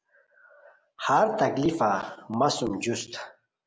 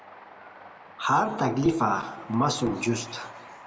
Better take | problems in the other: first | background sound (Train); 18 dB below the speech // room echo; dies away in 2 s

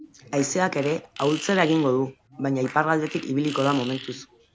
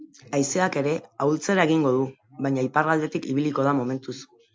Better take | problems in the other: second | background sound (Fart); 17 dB below the speech

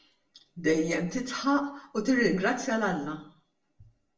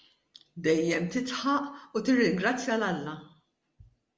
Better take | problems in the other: second | room echo; dies away in 0.2 s

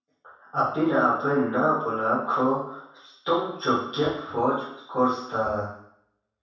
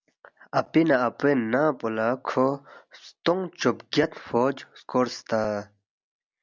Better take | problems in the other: second | room echo; dies away in 0.7 s

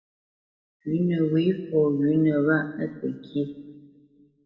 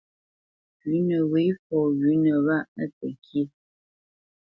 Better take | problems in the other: second | room echo; dies away in 1.3 s

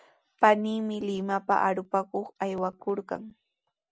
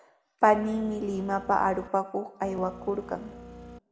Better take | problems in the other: first | background sound (Printer); 16 dB below the speech // room echo; dies away in 1.1 s

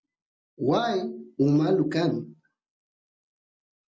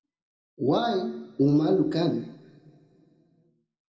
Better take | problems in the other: first | room echo; dies away in 1.3 s

